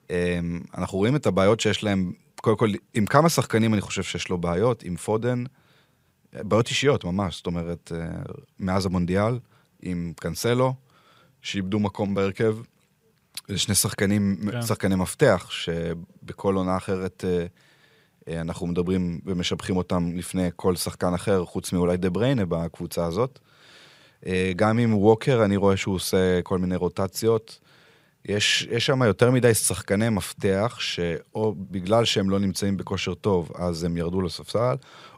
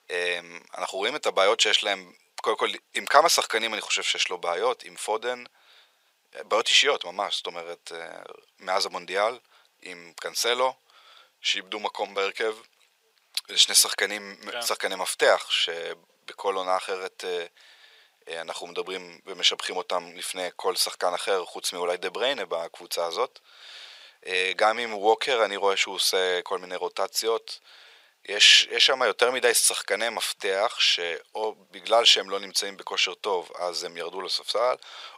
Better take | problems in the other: first | thin; very; fading below 500 Hz

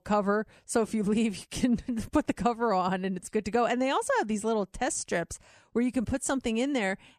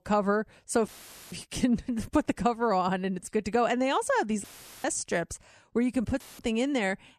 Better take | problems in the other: first | audio cutting out; filled with static; at 1 s, at 4.5 s and at 6 s

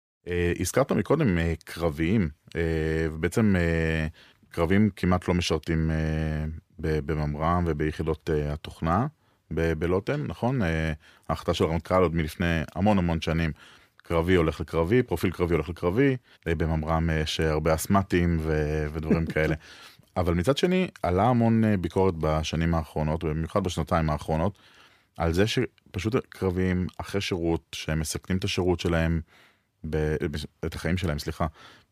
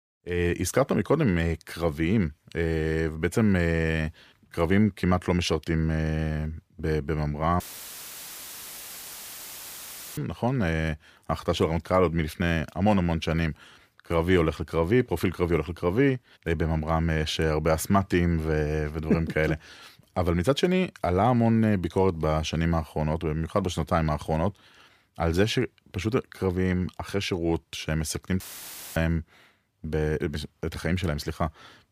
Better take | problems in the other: first | audio cutting out; filled with static; at 7.5 s for 2.5 s and at 28 s for 0.5 s

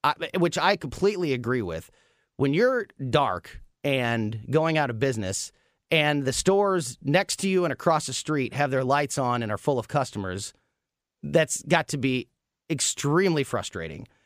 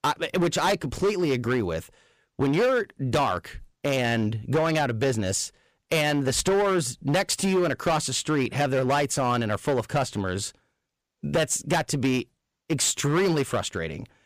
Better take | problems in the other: first | distortion; heavy; 11% of the sound clipped

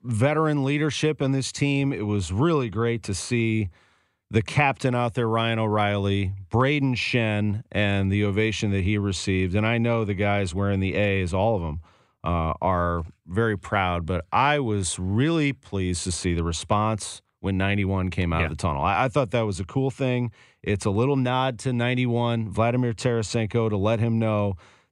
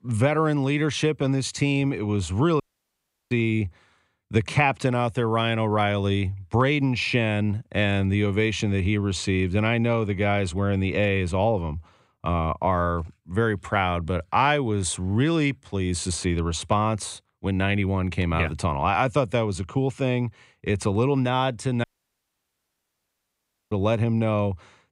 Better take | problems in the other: first | audio cutting out; at 2.5 s for 0.5 s and at 22 s for 2 s

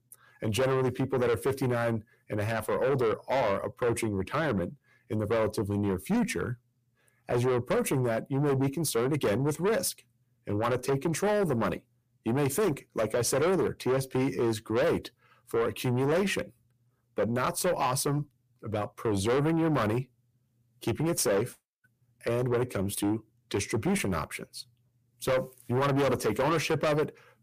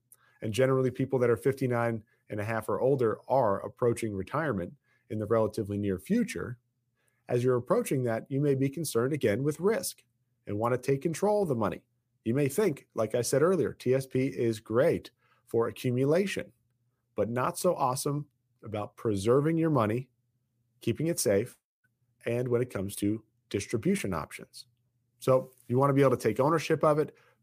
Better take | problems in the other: second | distortion; heavy; 7 dB below the speech

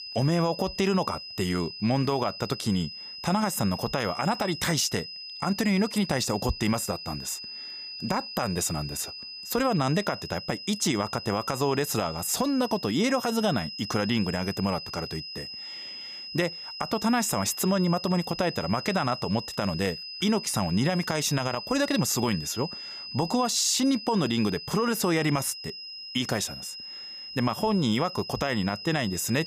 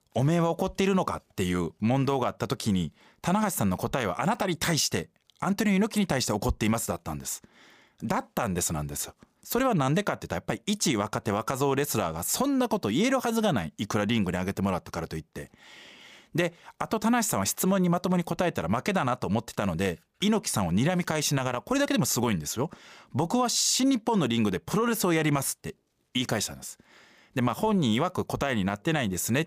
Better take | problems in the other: second | high-pitched whine; loud; throughout; 5 kHz, 9 dB below the speech

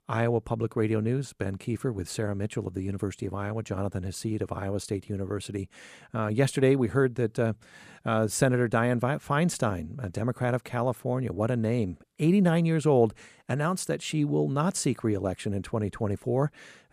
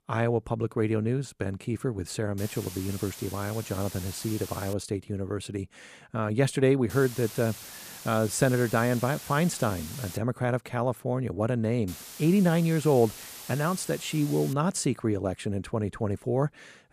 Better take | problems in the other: first | hiss; noticeable; from 2.5 to 4.5 s, from 7 to 10 s and from 12 to 15 s; 15 dB below the speech

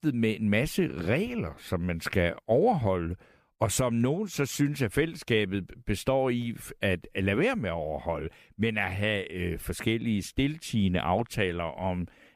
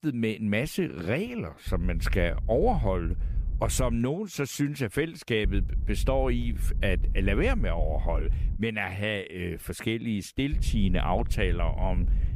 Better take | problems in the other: first | low rumble; noticeable; from 1.5 to 4 s, from 5.5 to 8.5 s and from 11 s on; 20 dB below the speech

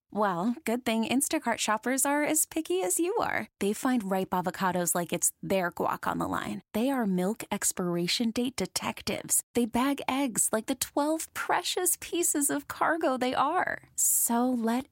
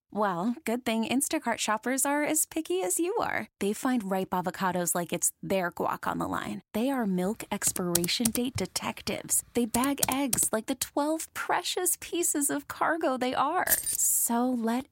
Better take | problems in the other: first | keyboard typing; loud; from 7.5 to 10 s; peak level with the speech // jangling keys; loud; at 14 s; peak 3 dB above the speech

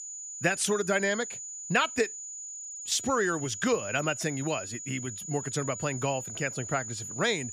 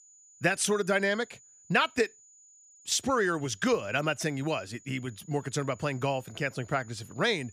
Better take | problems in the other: second | high-pitched whine; loud; throughout; 7 kHz, 7 dB below the speech; faint in the second

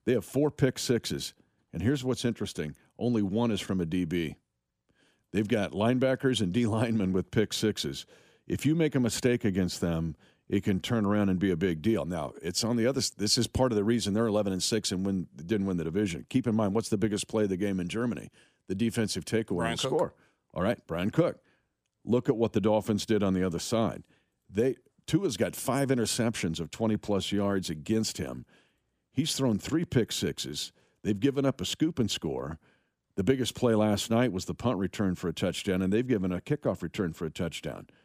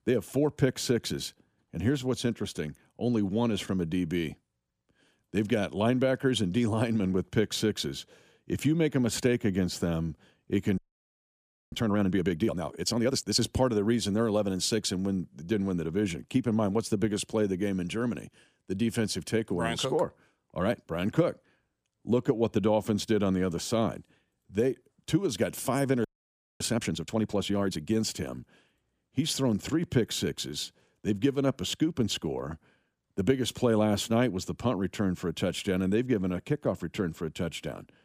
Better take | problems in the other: first | audio freezing; at 11 s for 1 s and at 26 s for 0.5 s

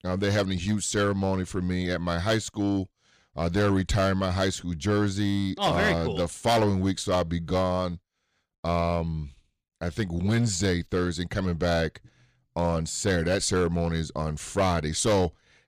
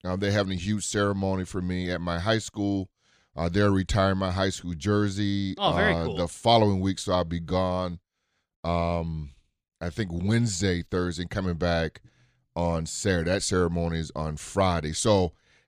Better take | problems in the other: second | distortion; slight; 5% of the sound clipped

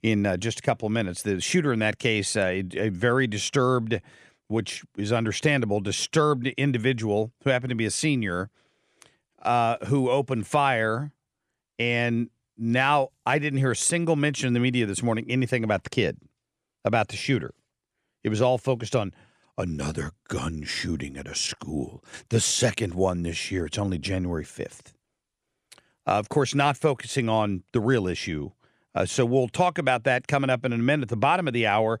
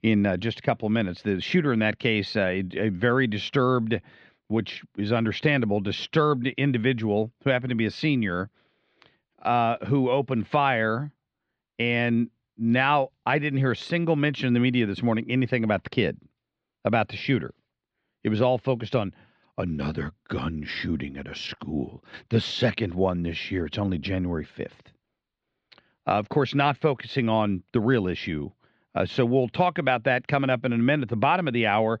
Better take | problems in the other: first | muffled; slightly; fading above 4 kHz

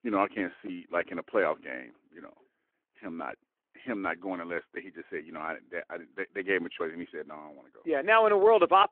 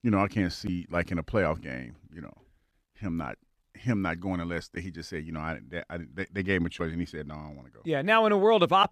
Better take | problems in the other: second | phone-call audio

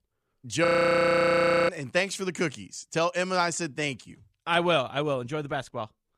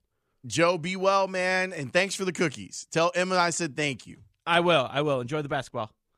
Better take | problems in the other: second | audio freezing; at 0.5 s for 1 s

